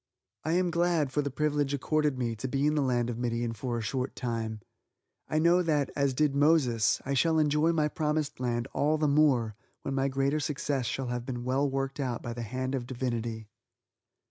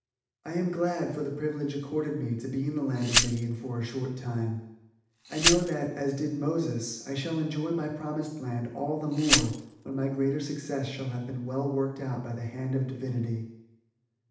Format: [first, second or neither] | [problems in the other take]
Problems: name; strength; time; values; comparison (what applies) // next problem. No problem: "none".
first | background sound (Glass); 1 dB below the speech // room echo; dies away in 0.8 s